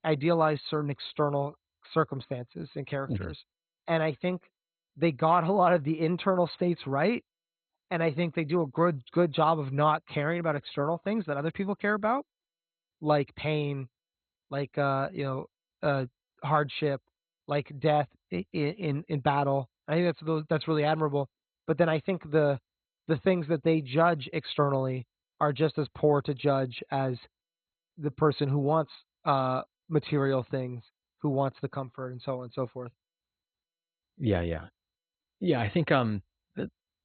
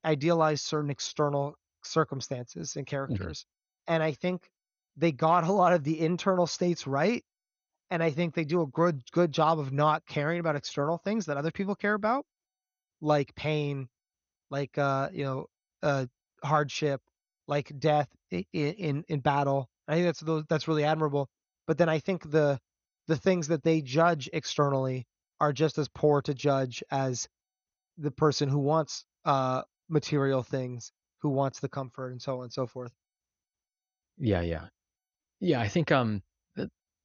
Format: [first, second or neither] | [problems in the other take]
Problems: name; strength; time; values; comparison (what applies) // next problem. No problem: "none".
second | garbled, watery; badly; nothing above 4 kHz; slightly in the second